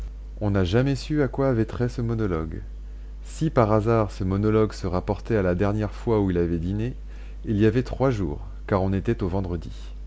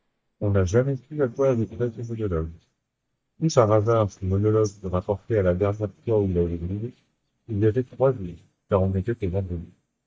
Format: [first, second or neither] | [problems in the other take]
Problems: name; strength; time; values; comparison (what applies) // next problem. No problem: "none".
first | noise reduction (neural mask model DeepFilterNet 3)